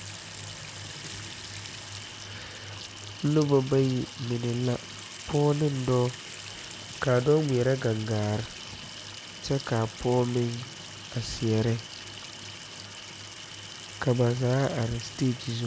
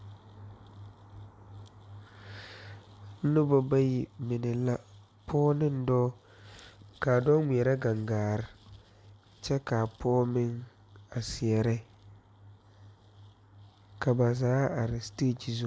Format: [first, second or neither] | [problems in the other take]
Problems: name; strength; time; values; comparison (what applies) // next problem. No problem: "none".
second | background sound (Sink (filling or washing) / Water tap, faucet); 13 dB below the speech